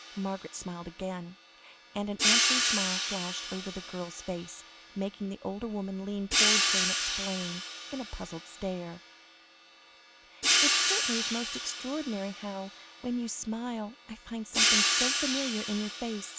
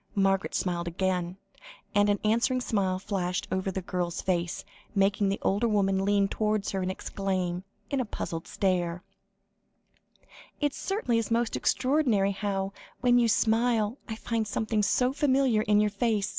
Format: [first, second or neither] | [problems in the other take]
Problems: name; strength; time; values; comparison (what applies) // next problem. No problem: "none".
second | background sound (Hi-hat); 5 dB above the speech